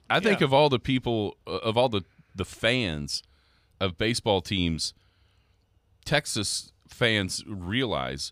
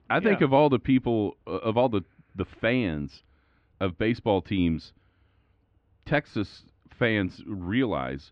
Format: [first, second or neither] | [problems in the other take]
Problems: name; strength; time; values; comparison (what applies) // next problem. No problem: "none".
first | muffled; very; fading above 2.5 kHz